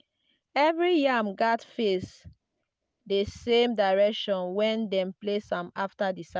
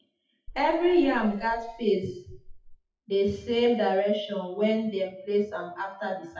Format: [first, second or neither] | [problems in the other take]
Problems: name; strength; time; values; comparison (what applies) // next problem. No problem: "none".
first | noise reduction (classical method WPE with log-MMSE)